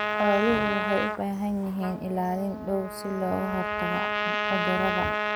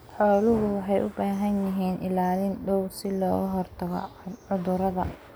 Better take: second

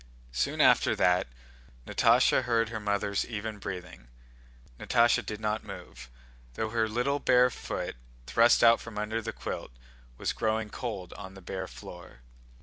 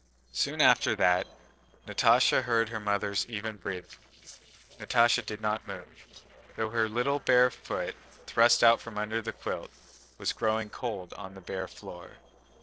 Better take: first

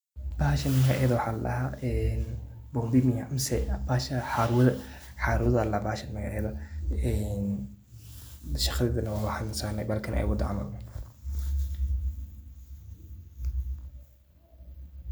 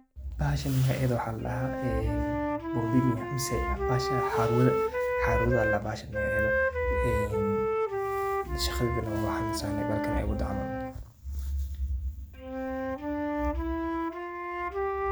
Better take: first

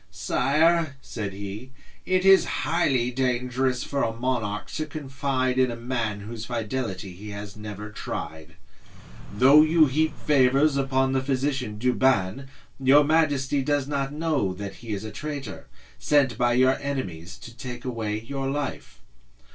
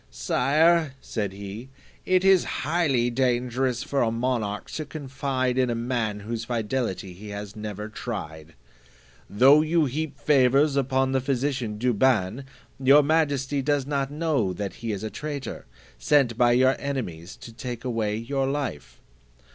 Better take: second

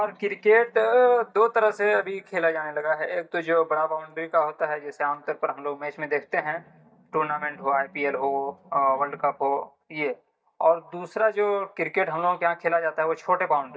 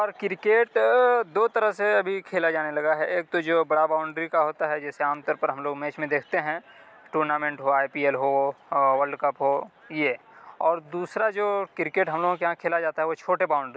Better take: second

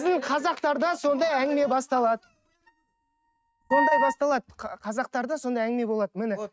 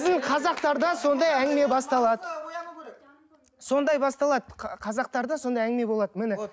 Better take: second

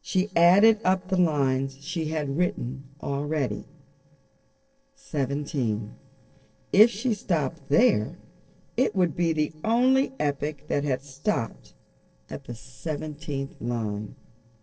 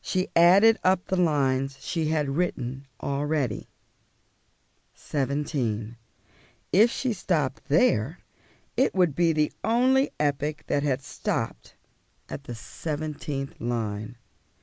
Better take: second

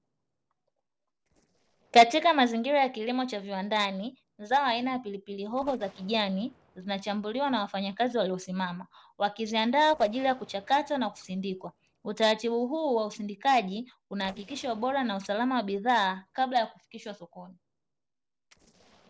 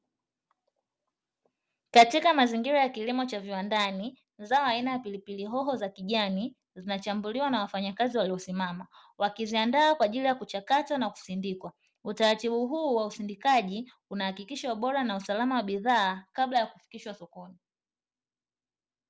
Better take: second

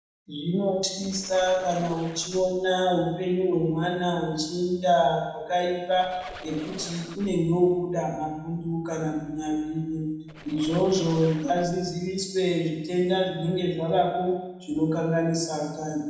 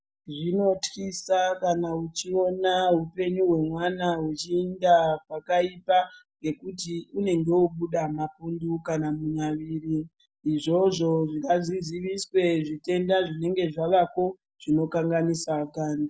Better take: second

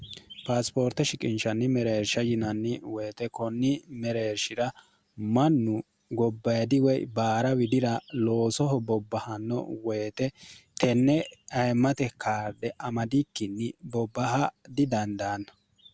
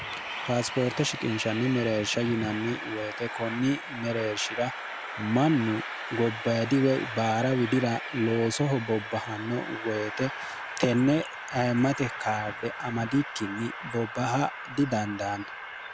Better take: first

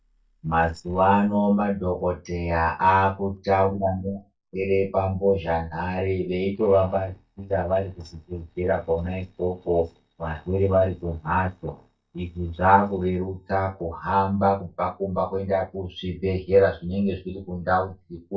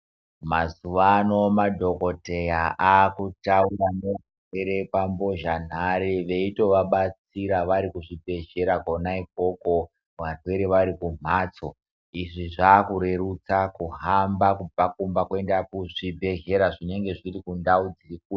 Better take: second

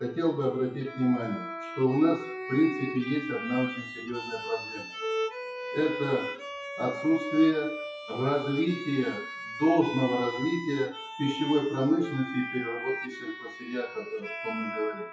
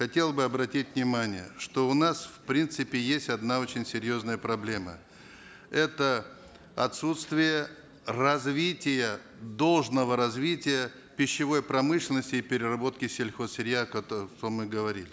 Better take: second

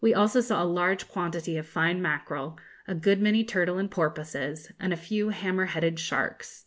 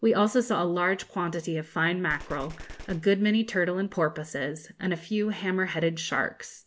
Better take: first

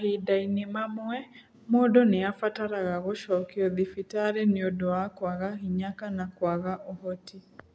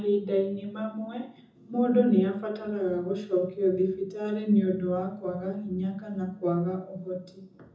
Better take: first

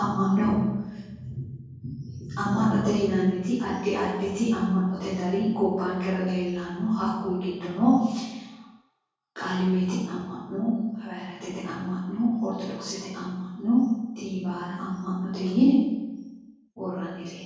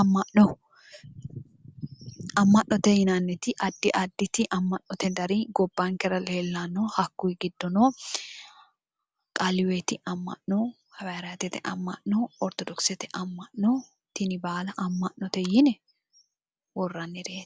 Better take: second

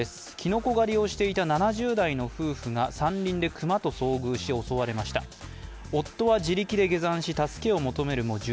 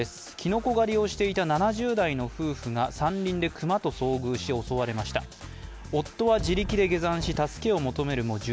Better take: first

